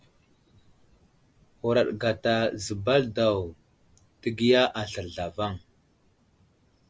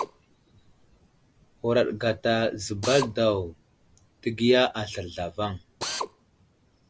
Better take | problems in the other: first | background sound (Drill); 13 dB below the speech

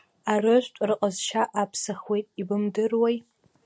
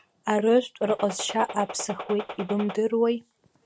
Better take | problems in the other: first | background sound (Gunshot, gunfire); 11 dB below the speech

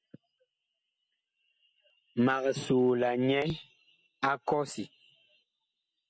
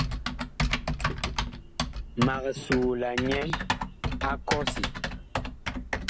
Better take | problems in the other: first | background sound (Typing); 2 dB above the speech

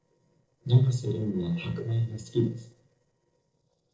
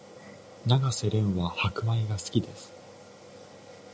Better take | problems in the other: second | noise reduction (neural separator model SepFormer DNS4)

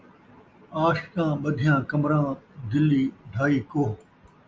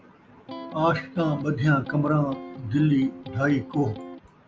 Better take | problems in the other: first | background sound (Electric guitar); 14 dB below the speech

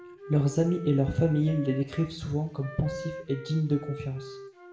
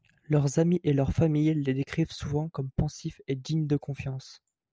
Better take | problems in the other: second | background sound (Wind instrument, woodwind instrument); 14 dB below the speech // room echo; dies away in 0.5 s

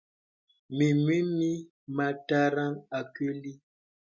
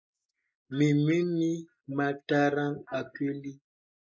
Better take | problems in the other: first | noise reduction (neural mask model Resemble Enhance denoiser)

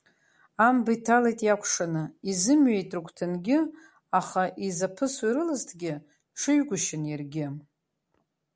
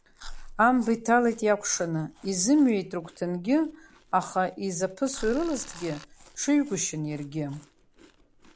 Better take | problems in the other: first | background sound (Tools + Chewing, mastication); 19 dB below the speech

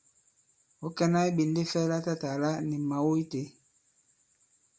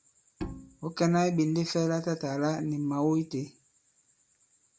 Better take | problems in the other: first | background sound (Bowed string instrument); 13 dB below the speech

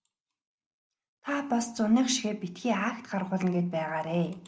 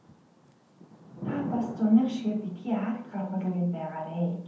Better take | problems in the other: first | background sound (Thunder / Rain); 13 dB below the speech // room echo; dies away in 0.6 s

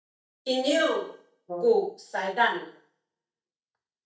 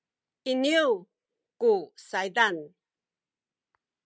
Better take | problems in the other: second | noise reduction (neural mask model DeepFilterNet 3)

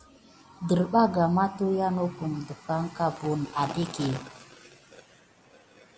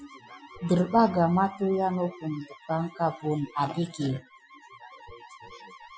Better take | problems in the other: first | noise reduction (classical method Wiener filter)

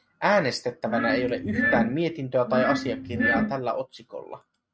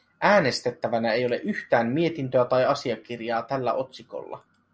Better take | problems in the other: second | noise reduction (neural mask model RNNoise)

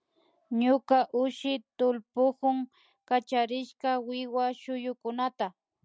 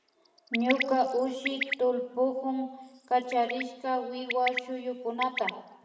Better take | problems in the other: first | background sound (Bird); 9 dB below the speech // room echo; dies away in 1.1 s

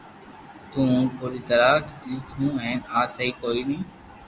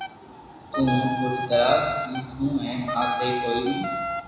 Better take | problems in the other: first | background sound (Wind instrument, woodwind instrument); 5 dB below the speech // room echo; dies away in 1 s

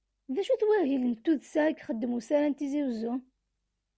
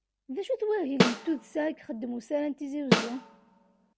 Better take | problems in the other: first | background sound (Snare drum); 3 dB above the speech

